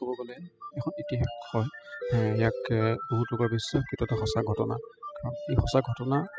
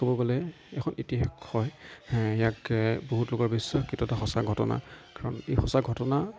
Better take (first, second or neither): second